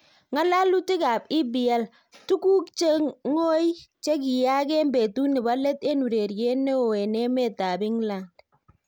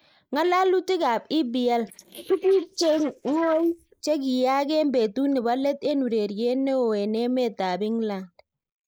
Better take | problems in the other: first | noise reduction (neural mask model Resemble Enhance denoiser)

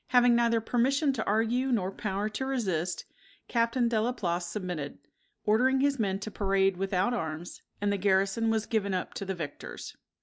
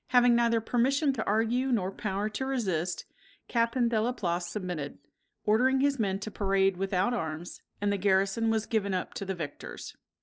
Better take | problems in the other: first | noise reduction (neural separator model SepFormer DNS4)

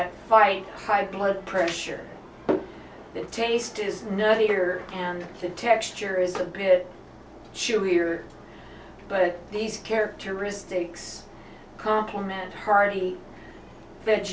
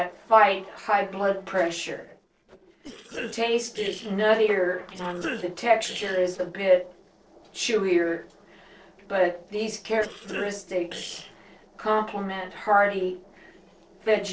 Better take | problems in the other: first | noise reduction (neural separator model SepFormer DNS4)

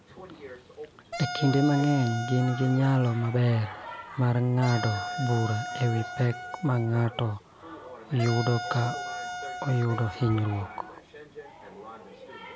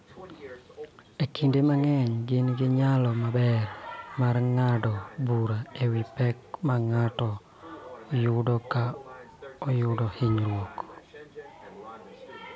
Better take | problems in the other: second | background sound (Wind instrument, woodwind instrument); 10 dB below the speech

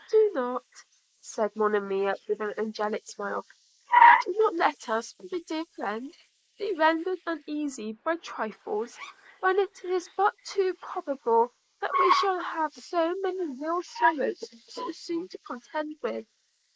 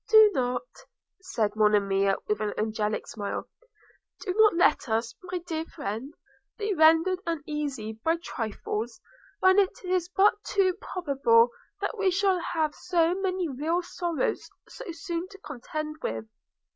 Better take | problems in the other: second | noise reduction (neural mask model Resemble Enhance denoiser)

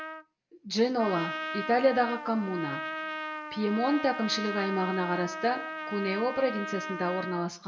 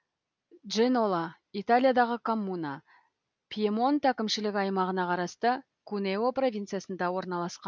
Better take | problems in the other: second | background sound (Trumpet); 7 dB below the speech // room echo; dies away in 1.1 s

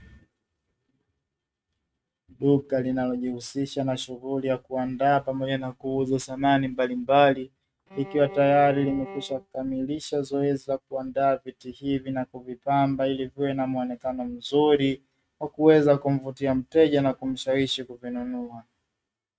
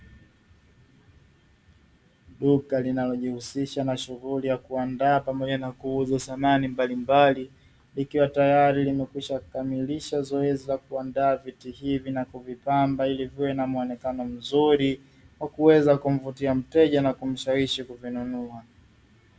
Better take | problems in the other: second | noise reduction (neural mask model RNNoise)

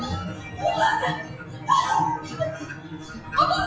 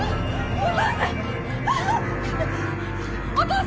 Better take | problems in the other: second | noise reduction (classical method WPE with log-MMSE)

